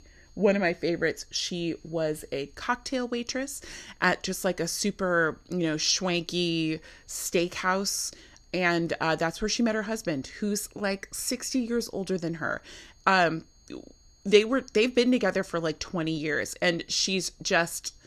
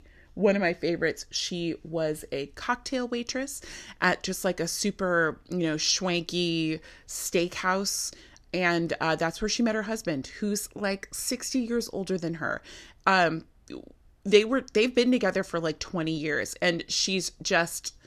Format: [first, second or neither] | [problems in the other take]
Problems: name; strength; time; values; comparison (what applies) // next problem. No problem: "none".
second | high-pitched whine; faint; throughout; 6.5 kHz, 35 dB below the speech